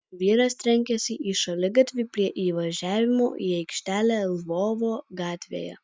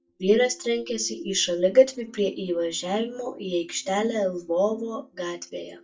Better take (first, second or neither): first